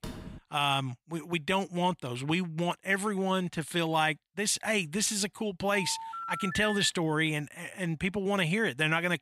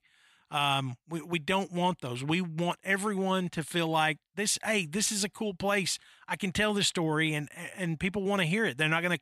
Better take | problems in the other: second | door banging; faint; at the start; peak 15 dB below the speech // phone ringing; noticeable; from 5.5 to 7 s; peak 6 dB below the speech

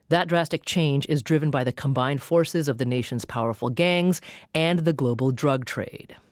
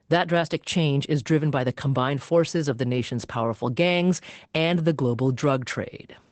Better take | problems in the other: first | garbled, watery; badly; nothing above 8 kHz; slightly in the first

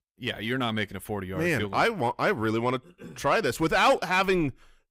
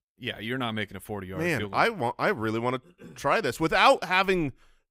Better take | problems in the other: second | distortion; slight; 10 dB below the speech

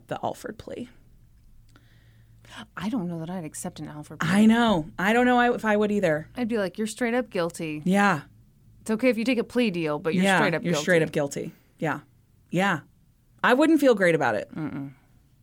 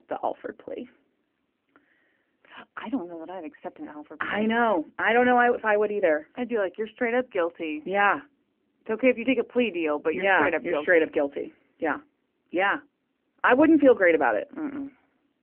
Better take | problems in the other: first | phone-call audio; nothing above 3 kHz

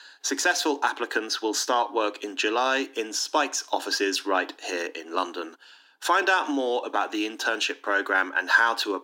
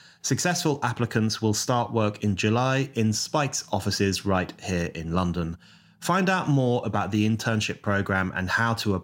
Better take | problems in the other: second | thin; very; fading below 300 Hz

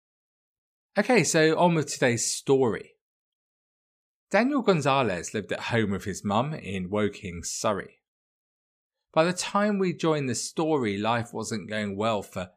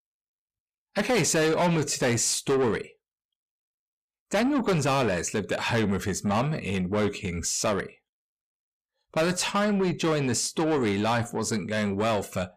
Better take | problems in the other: first | distortion; heavy; 7 dB below the speech

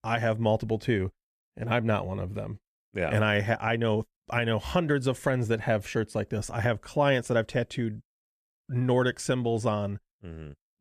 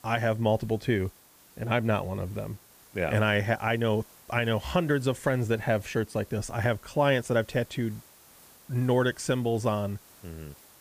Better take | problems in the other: first | hiss; faint; throughout; 25 dB below the speech

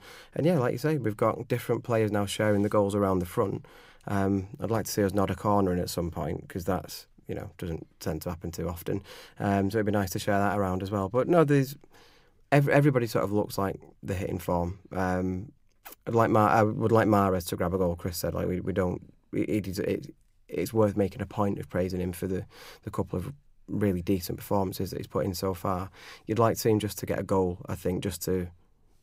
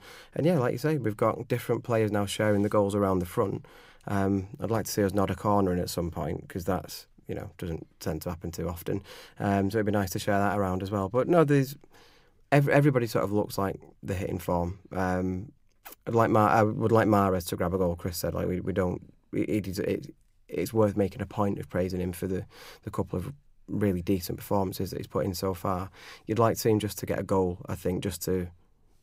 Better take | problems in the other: neither | none

